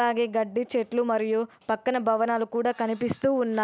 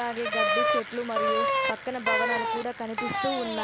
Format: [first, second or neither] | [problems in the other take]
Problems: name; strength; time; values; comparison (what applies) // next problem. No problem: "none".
first | background sound (Bicycle); 4 dB above the speech